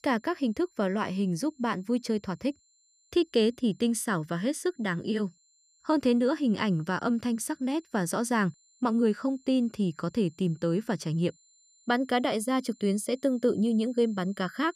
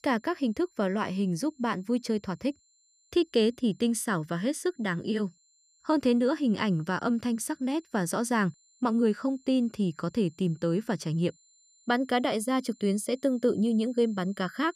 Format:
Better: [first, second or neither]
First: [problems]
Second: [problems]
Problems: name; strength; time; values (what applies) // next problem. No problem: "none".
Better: neither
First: high-pitched whine; faint; throughout; 7.5 kHz, 30 dB below the speech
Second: high-pitched whine; faint; throughout; 7.5 kHz, 30 dB below the speech